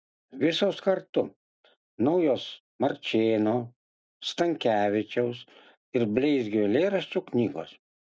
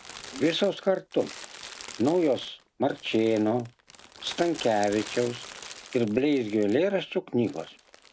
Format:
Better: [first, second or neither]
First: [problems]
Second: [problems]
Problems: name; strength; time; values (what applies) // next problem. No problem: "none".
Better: first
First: none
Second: background sound (Crumpling, crinkling); 17 dB below the speech